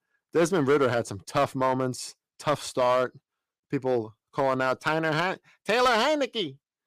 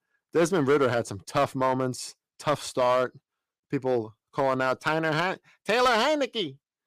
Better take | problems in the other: neither | distortion; slight; 4% of the sound clipped; the same in both

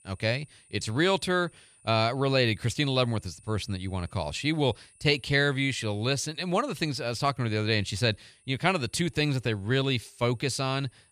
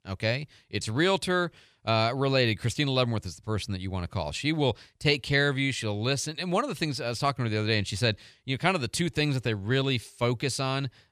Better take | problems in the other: second | high-pitched whine; faint; throughout; 9.5 kHz, 30 dB below the speech

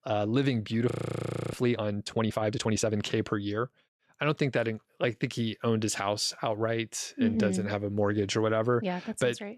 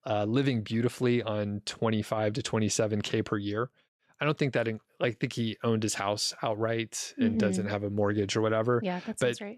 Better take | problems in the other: second | audio freezing; at 1 s for 0.5 s

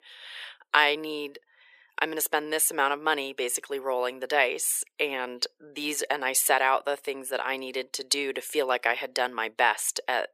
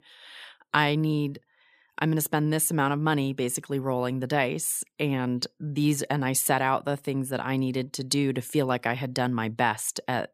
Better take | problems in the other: second | thin; very; fading below 450 Hz

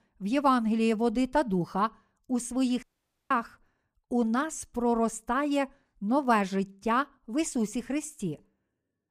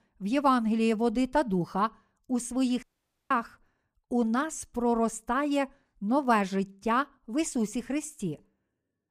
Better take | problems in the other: neither | audio cutting out; at 3 s; the same in both

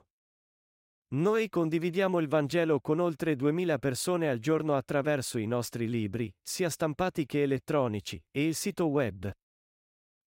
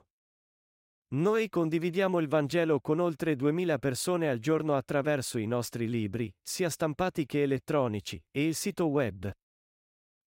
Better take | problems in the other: neither | none

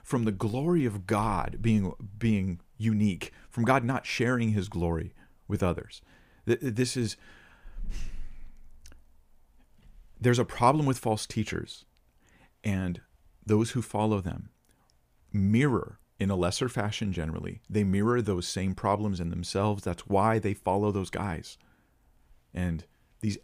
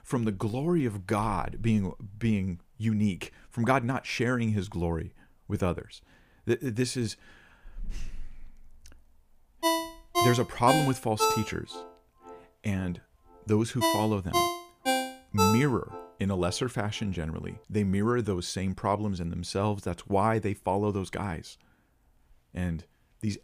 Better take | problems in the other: first | phone ringing; loud; from 9.5 to 16 s; peak 3 dB above the speech

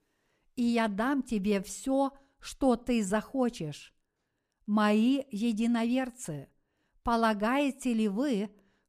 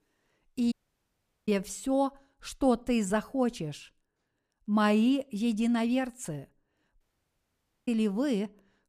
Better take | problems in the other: first | audio cutting out; at 0.5 s for 1 s and at 7 s for 1 s

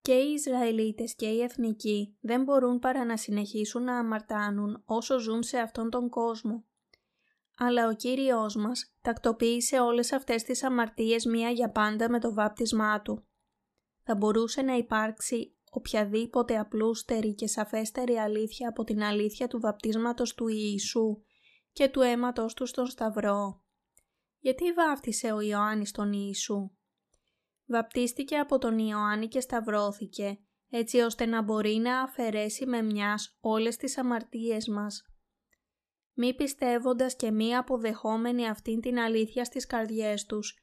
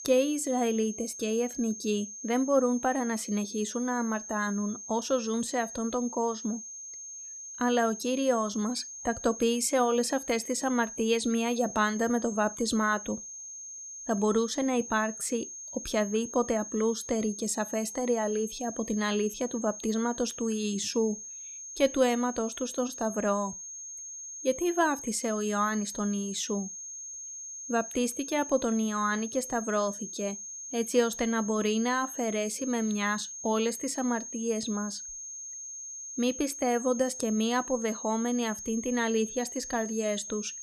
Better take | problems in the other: first | high-pitched whine; loud; throughout; 6.5 kHz, 9 dB below the speech

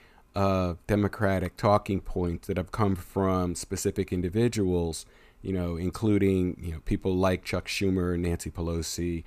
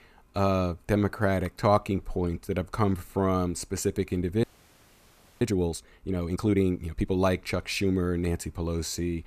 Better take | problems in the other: first | audio freezing; at 4.5 s for 1 s

